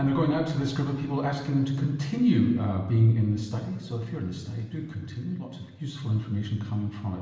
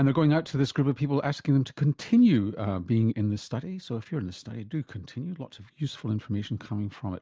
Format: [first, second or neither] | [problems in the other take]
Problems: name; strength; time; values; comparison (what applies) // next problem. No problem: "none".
second | room echo; dies away in 1.1 s